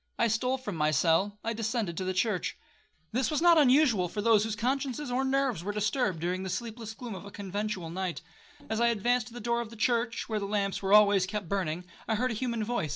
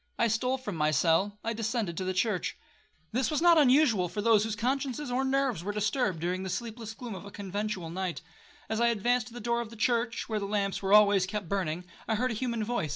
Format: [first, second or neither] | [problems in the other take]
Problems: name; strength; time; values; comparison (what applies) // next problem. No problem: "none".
second | noise reduction (neural separator model SepFormer DNS4)